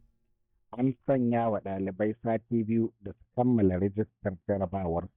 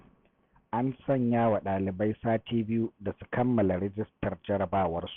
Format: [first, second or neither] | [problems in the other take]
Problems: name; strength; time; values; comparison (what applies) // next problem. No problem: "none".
second | noise reduction (neural mask model DeepFilterNet 3)